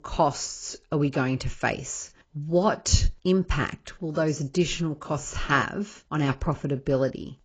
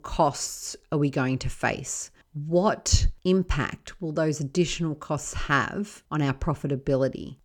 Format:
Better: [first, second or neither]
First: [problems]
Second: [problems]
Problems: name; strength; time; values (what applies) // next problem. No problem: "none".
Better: second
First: garbled, watery; badly; nothing above 7.5 kHz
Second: none